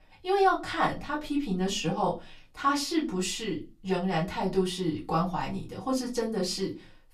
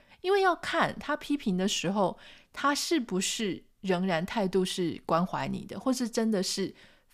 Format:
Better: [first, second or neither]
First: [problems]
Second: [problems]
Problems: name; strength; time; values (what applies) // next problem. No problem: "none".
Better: second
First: off-mic speech; far // room echo; very slight; dies away in 0.2 s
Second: none